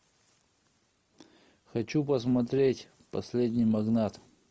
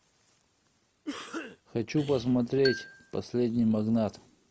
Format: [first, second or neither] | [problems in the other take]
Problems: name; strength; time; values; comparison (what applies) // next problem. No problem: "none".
first | background sound (Marimba, xylophone + Cough); 12 dB below the speech